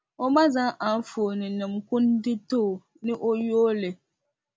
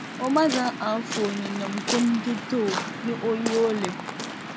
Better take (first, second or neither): first